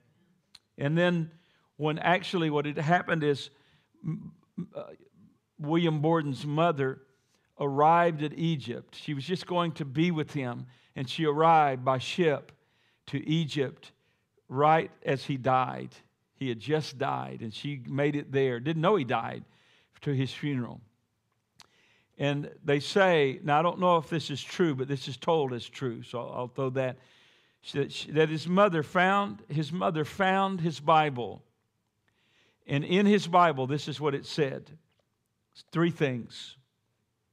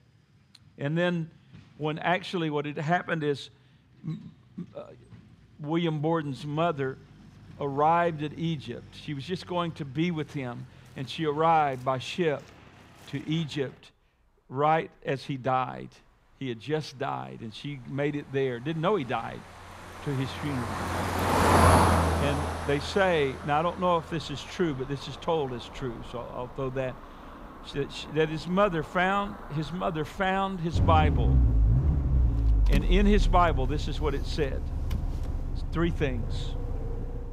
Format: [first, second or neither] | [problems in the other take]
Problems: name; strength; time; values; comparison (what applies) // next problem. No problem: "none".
first | traffic noise; very loud; throughout; 2 dB above the speech